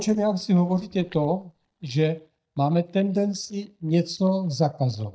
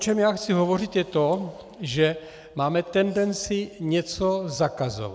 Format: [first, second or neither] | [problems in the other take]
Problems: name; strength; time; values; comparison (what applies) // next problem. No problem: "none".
second | noise reduction (neural mask model DeepFilterNet 3)